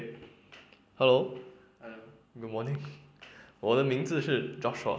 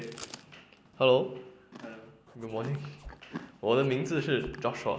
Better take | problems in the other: first | background sound (Zipper (clothing) + Chewing, mastication); 17 dB below the speech

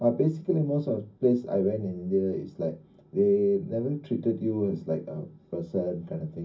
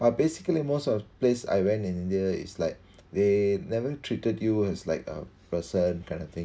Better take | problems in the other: second | room echo; dies away in 0.4 s

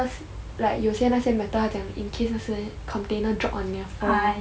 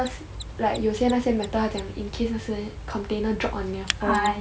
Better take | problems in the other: first | background sound (Mechanisms); 15 dB below the speech

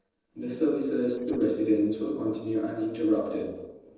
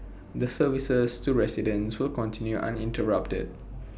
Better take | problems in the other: second | noise reduction (neural separator model SepFormer DNS4)

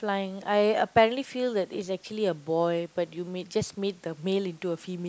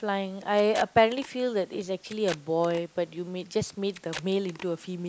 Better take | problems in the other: first | background sound (Packing tape, duct tape); 17 dB below the speech

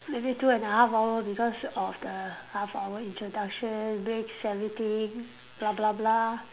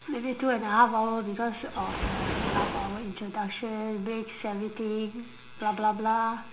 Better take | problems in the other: first | background sound (Waves, surf); 9 dB below the speech // room echo; dies away in 0.6 s

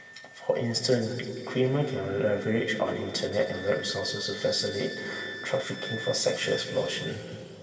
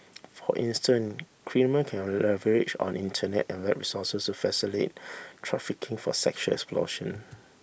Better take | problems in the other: second | background sound (Wind instrument, woodwind instrument); 14 dB below the speech // room echo; dies away in 2.4 s

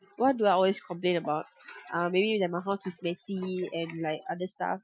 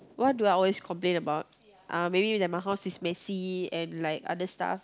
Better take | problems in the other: second | noise reduction (classical method Wiener filter)

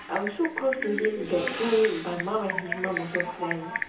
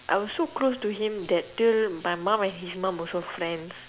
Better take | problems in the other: second | background sound (Typing); 5 dB below the speech // room echo; dies away in 0.6 s

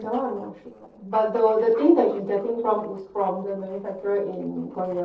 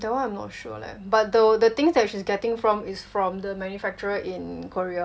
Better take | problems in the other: second | noise reduction (neural separator model SepFormer DNS4)

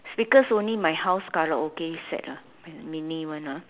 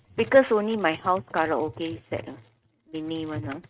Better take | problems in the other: first | noise reduction (neural mask model RNNoise)

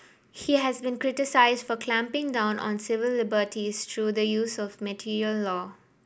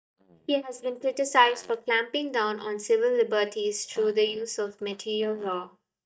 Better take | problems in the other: first | noise reduction (neural mask model DeepFilterNet 3)

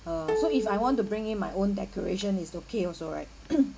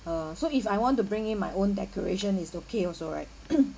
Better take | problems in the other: second | background sound (Plucked string instrument); 5 dB below the speech

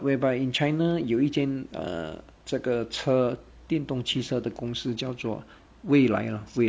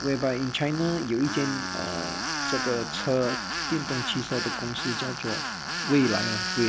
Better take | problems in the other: first | background sound (Tools); 4 dB below the speech

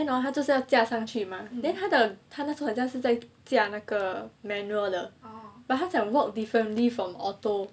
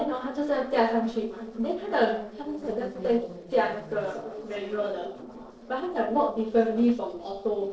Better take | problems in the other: first | noise reduction (neural separator model SepFormer DNS4)

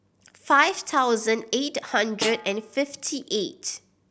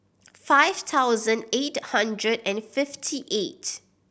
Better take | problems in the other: second | background sound (Snare drum); 12 dB below the speech

